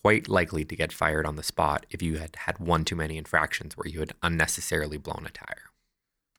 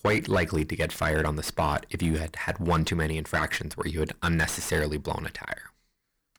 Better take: first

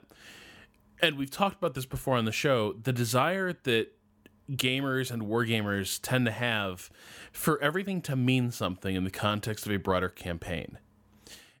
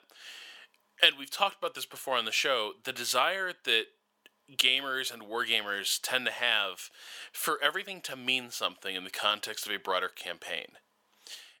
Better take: first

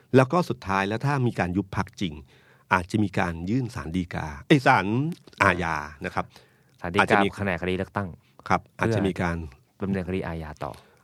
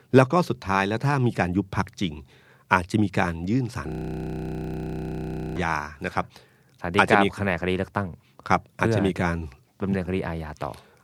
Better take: first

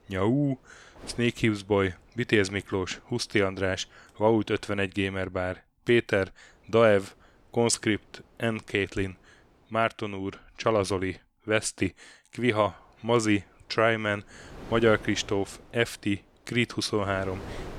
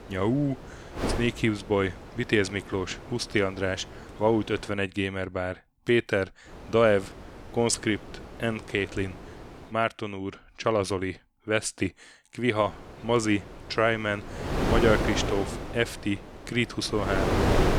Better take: first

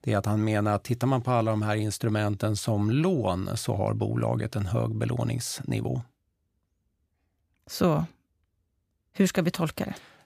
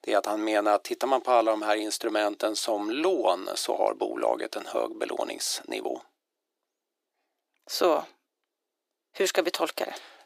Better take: first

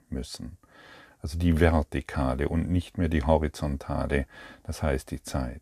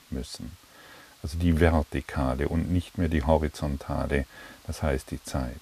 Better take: first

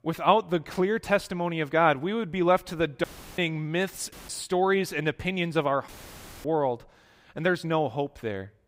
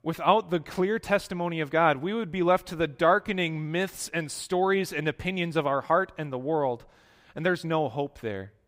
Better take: second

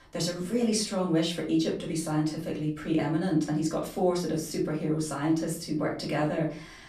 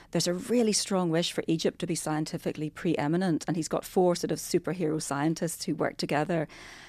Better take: second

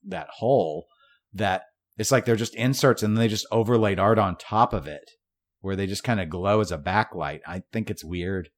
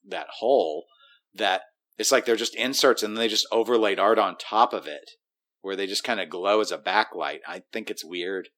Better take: first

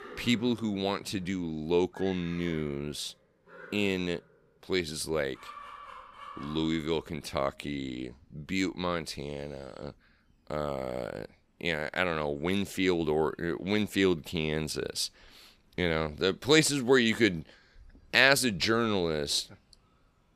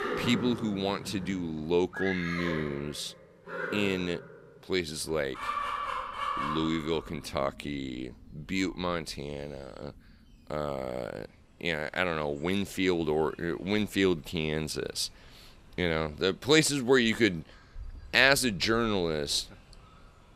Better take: first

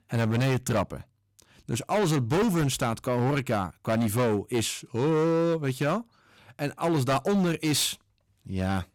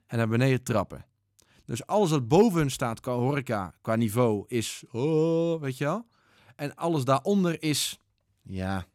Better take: second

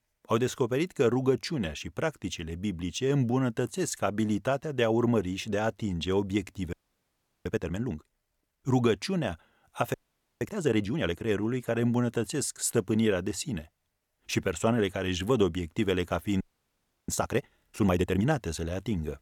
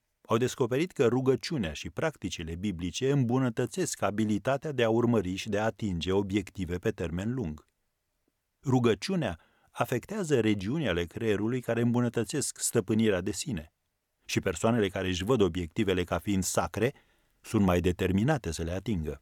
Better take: second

